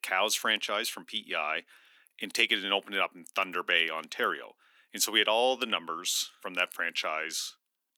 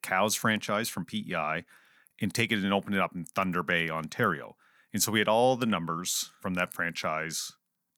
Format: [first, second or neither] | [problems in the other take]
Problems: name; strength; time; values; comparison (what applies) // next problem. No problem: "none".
second | thin; somewhat; fading below 300 Hz